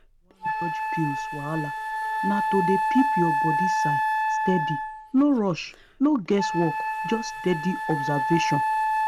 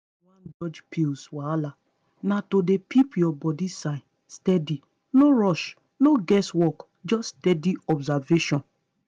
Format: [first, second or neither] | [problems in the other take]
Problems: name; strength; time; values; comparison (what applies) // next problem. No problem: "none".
second | background sound (Wind instrument, woodwind instrument); as loud as the speech